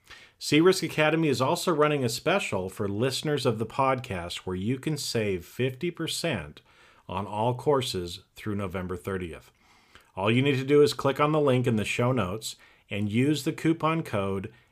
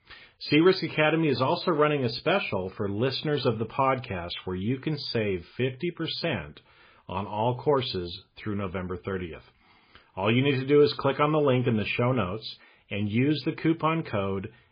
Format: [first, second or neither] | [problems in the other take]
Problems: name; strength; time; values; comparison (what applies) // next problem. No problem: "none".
first | garbled, watery; badly; nothing above 5 kHz